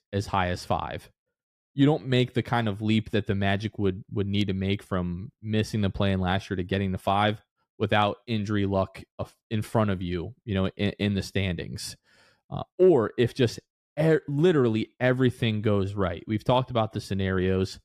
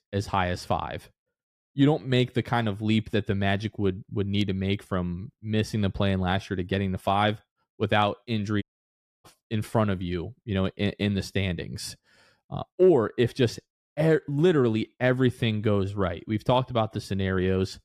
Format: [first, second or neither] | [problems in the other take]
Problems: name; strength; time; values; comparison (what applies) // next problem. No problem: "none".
first | audio cutting out; at 8.5 s for 0.5 s